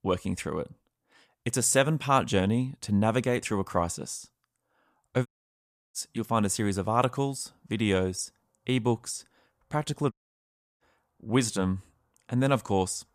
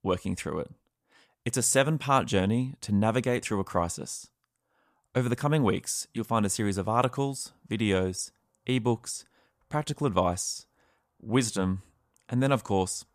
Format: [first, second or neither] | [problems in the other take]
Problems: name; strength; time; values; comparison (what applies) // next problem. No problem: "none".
second | audio cutting out; at 5.5 s for 0.5 s and at 10 s for 0.5 s